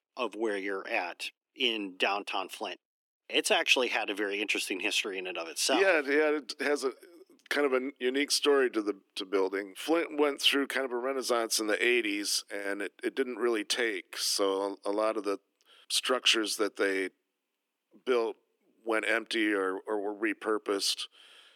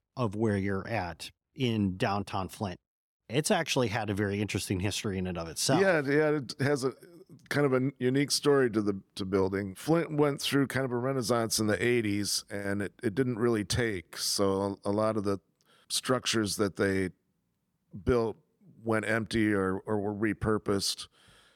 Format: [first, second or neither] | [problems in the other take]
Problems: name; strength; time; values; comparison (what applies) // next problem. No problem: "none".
second | thin; somewhat; fading below 300 Hz